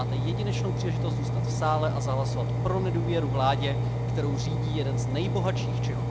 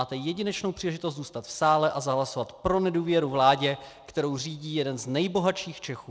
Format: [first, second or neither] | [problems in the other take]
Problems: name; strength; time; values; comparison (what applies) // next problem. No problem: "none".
second | background sound (Engine); 5 dB above the speech